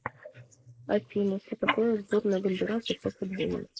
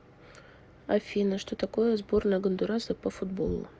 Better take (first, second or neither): second